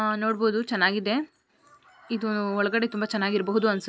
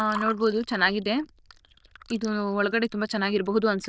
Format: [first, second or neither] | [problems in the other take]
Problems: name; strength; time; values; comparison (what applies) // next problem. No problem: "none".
first | noise reduction (neural diffusion model UNIVERSE++)